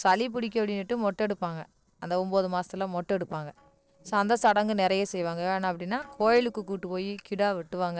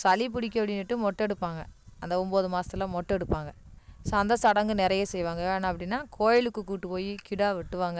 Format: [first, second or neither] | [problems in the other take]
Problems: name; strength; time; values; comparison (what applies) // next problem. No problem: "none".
second | noise reduction (neural separator model SepFormer DNS4)